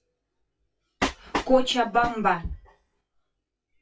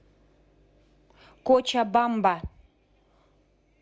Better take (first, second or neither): second